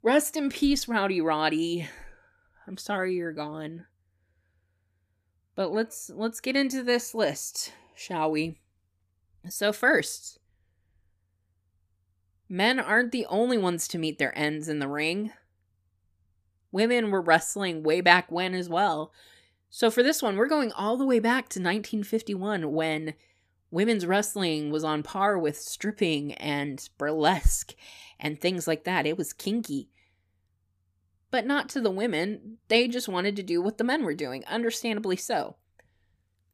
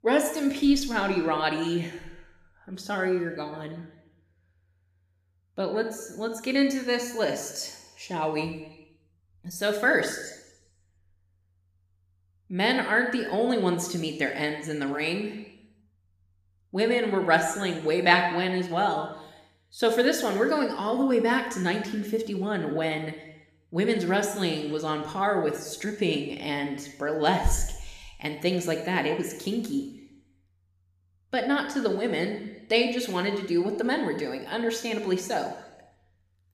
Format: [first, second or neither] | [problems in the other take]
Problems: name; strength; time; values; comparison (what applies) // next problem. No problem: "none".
first | room echo; slight; dies away in 0.9 s